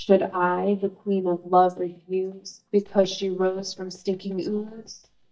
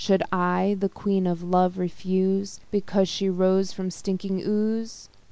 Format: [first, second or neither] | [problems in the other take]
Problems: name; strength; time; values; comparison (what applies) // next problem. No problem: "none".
second | noise reduction (neural mask model DeepFilterNet 3)